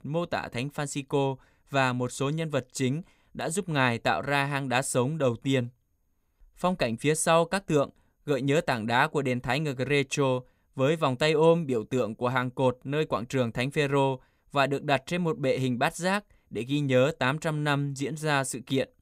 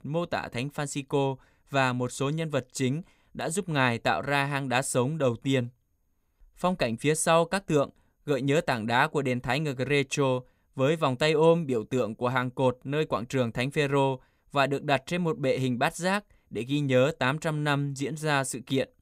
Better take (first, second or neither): neither